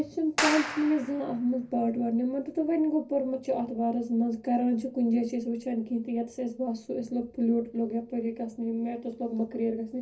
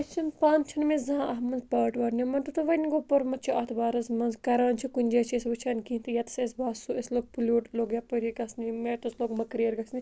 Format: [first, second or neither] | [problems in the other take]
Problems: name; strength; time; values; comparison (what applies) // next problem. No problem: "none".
second | background sound (Clapping); 5 dB below the speech // room echo; dies away in 0.4 s